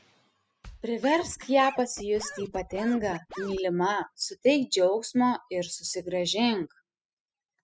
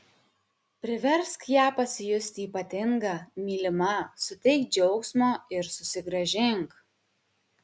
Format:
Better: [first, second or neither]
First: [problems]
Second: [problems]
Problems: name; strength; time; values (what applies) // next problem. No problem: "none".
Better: second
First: noise reduction (classical method spectral subtraction)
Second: none